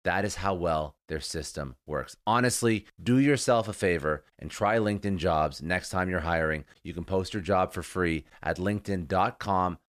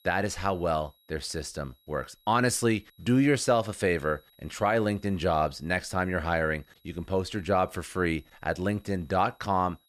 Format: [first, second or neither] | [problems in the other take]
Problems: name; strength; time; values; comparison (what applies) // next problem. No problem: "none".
first | high-pitched whine; faint; throughout; 4 kHz, 35 dB below the speech